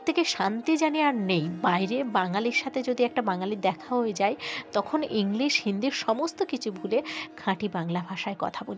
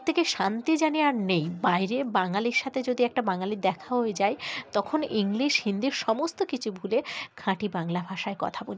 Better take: second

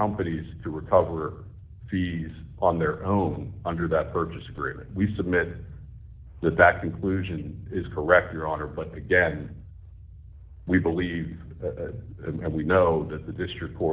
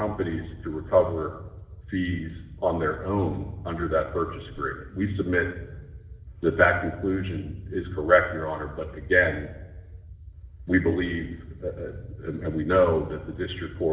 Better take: first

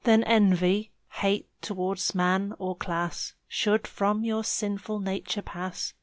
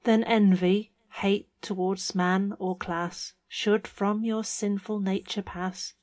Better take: first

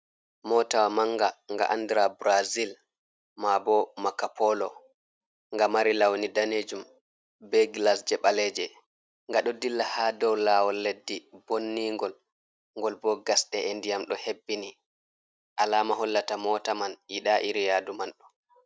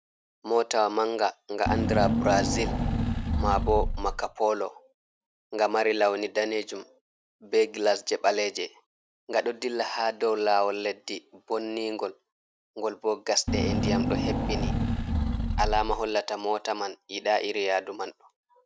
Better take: first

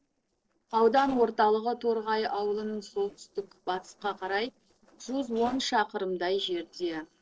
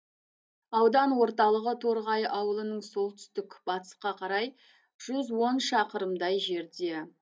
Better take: second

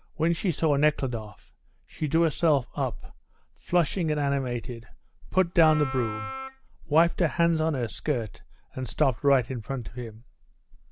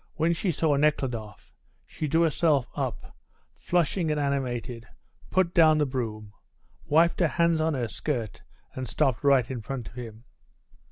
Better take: second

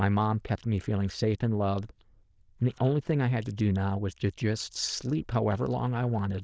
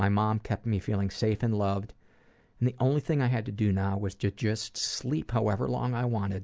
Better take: second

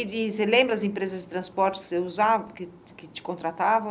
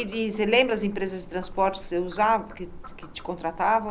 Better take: first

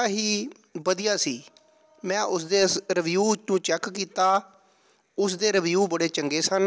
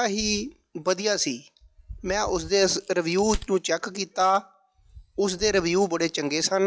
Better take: first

